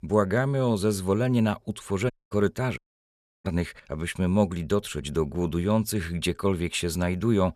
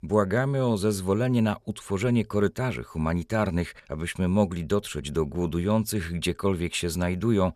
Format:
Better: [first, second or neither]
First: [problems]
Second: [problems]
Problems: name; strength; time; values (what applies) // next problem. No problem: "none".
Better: second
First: audio cutting out; at 2 s and at 3 s for 0.5 s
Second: none